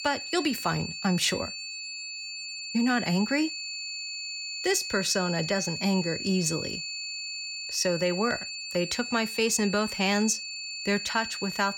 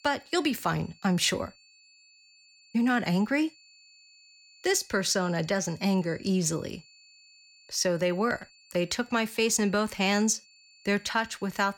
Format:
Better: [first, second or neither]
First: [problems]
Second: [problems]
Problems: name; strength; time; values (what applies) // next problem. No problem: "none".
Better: second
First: high-pitched whine; loud; throughout; 4.5 kHz, 6 dB below the speech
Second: high-pitched whine; faint; throughout; 4.5 kHz, 25 dB below the speech